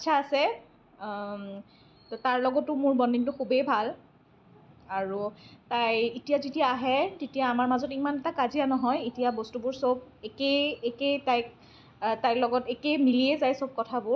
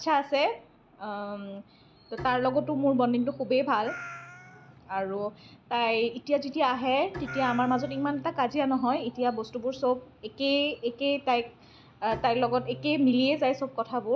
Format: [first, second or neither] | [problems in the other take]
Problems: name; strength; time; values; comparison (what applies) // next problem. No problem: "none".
first | background sound (Meow + Bowed string instrument); 18 dB below the speech